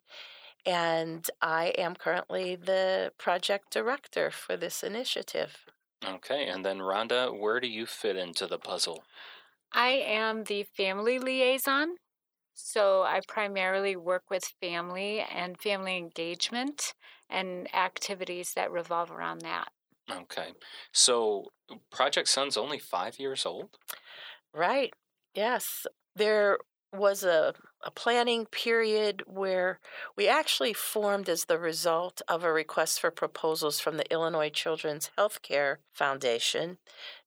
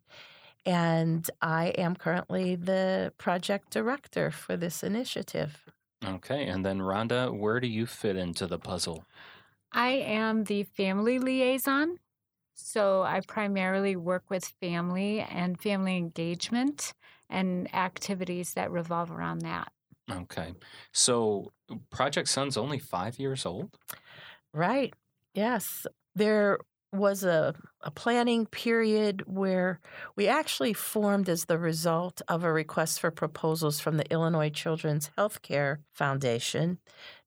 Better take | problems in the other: second | thin; somewhat; fading below 450 Hz

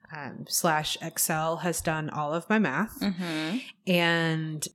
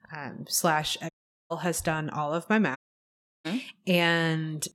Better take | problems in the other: first | audio cutting out; at 1 s and at 3 s for 0.5 s

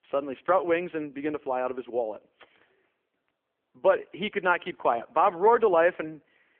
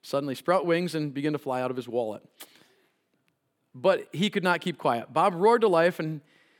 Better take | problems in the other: second | phone-call audio; poor line; nothing above 3 kHz

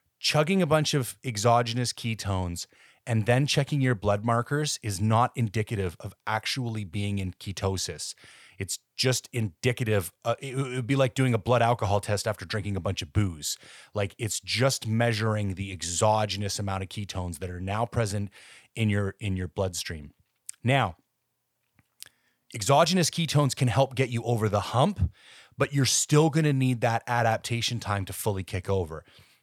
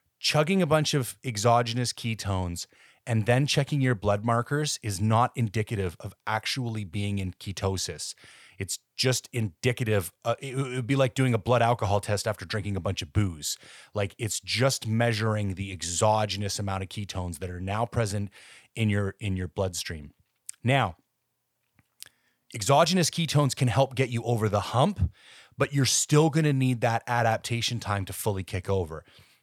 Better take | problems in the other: neither | none

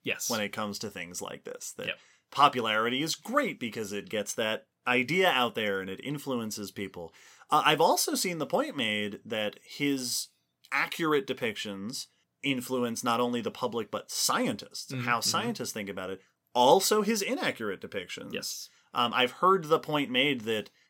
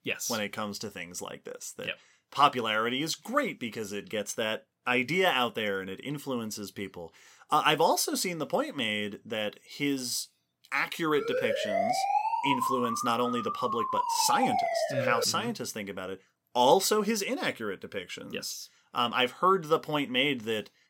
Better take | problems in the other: first | siren; loud; from 11 to 15 s; peak 2 dB above the speech

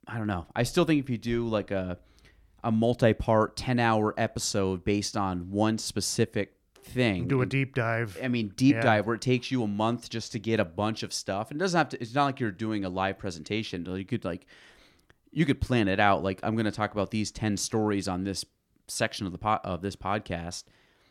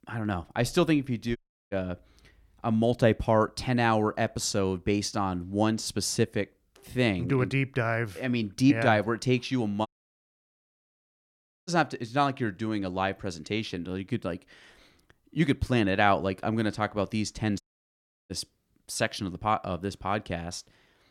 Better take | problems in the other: first | audio cutting out; at 1.5 s, at 10 s for 2 s and at 18 s for 0.5 s

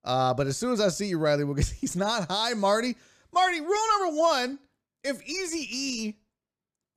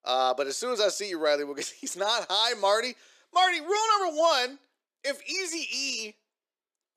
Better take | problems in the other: first | thin; somewhat; fading below 350 Hz

